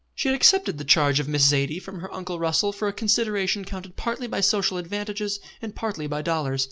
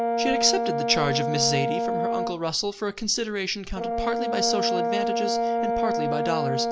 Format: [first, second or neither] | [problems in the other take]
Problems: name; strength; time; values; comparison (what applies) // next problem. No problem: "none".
first | background sound (Brass instrument); 2 dB above the speech